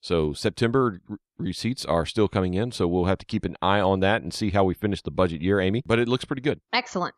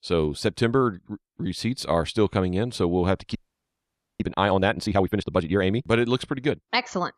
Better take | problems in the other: first | audio freezing; at 3.5 s for 1 s

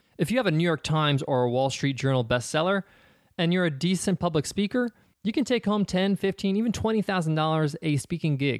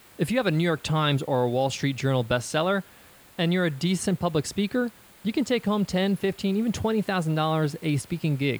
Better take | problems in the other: first | hiss; faint; throughout; 25 dB below the speech

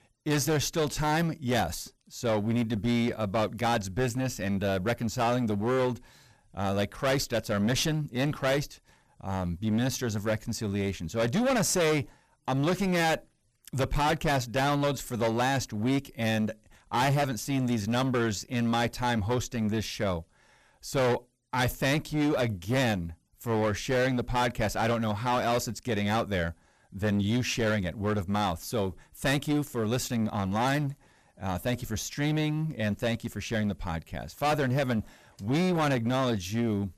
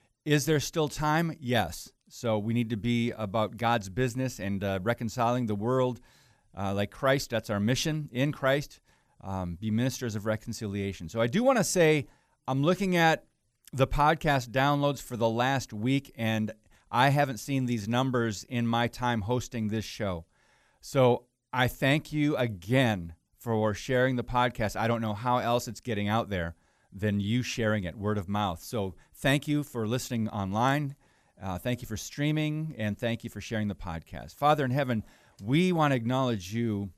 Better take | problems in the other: second | distortion; heavy; 15% of the sound clipped

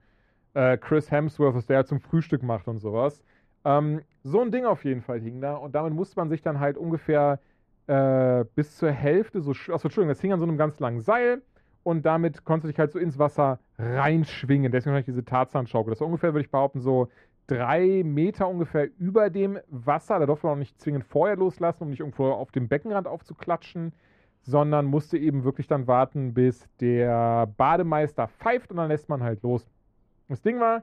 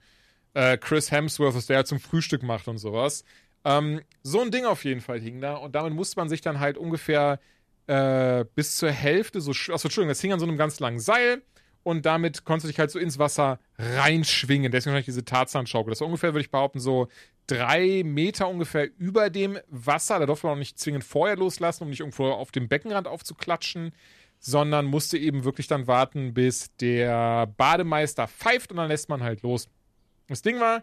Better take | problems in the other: second | muffled; very; fading above 2.5 kHz

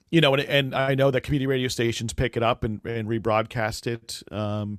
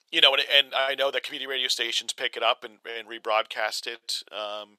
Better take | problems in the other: first | thin; very; fading below 600 Hz

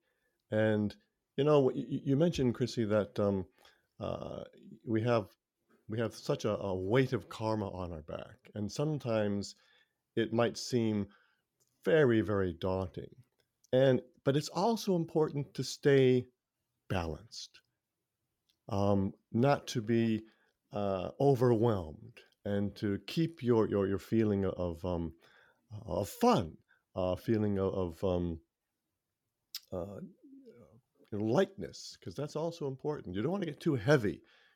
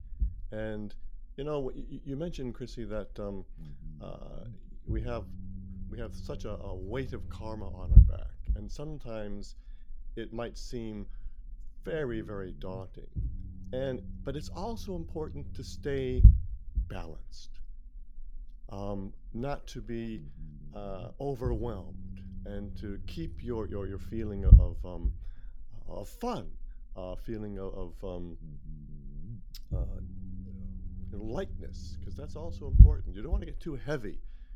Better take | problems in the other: first | low rumble; loud; throughout; 8 dB below the speech

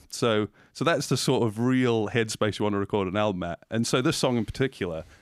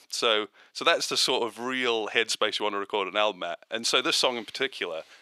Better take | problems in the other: first | thin; very; fading below 500 Hz

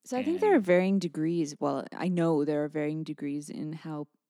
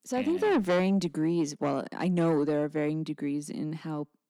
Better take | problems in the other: first | distortion; slight; 10 dB below the speech

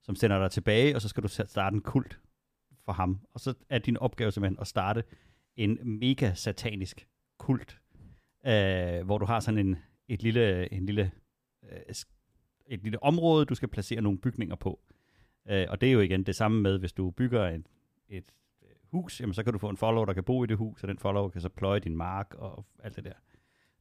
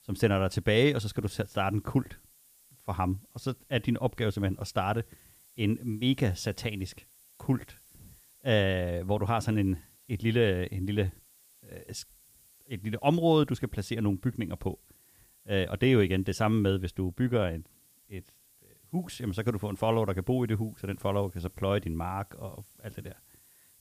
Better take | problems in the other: first | hiss; faint; throughout; 25 dB below the speech

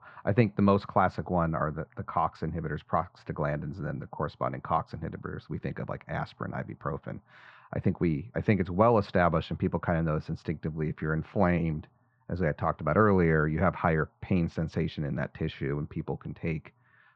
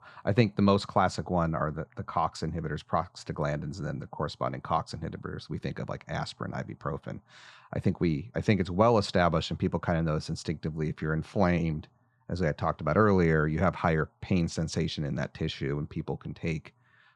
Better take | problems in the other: second | muffled; slightly; fading above 2 kHz

